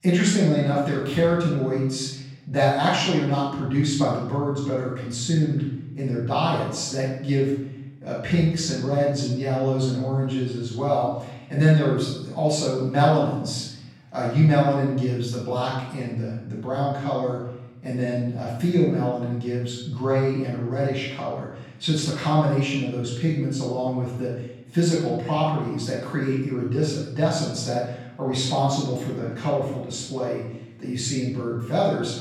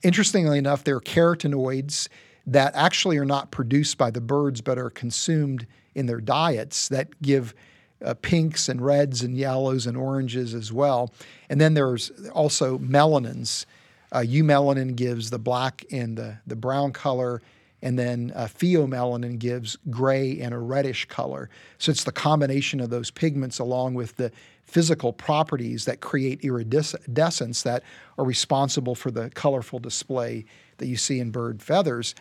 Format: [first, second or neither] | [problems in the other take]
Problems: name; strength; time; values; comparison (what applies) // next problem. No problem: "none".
second | room echo; noticeable; dies away in 0.9 s // off-mic speech; far